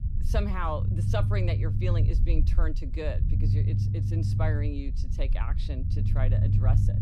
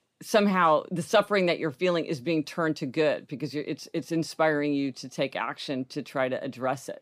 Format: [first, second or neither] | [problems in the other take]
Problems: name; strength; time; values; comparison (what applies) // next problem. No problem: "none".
second | low rumble; loud; throughout; 5 dB below the speech